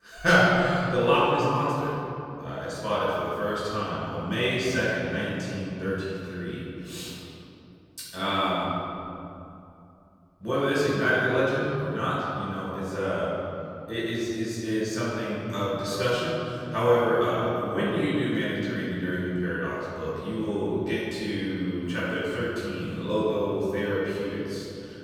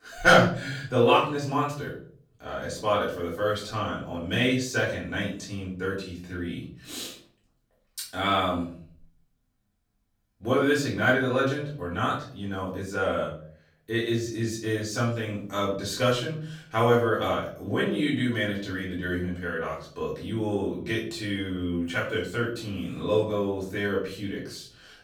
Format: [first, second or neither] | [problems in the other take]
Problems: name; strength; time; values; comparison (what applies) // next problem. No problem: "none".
second | room echo; strong; dies away in 2.6 s; slight in the second // off-mic speech; far; far in the second